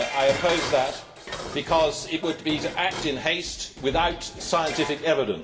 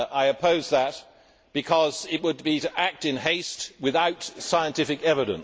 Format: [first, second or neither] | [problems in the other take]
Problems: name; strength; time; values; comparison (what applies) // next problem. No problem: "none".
second | background sound (Dishes, pots, and pans); 9 dB below the speech // room echo; dies away in 0.6 s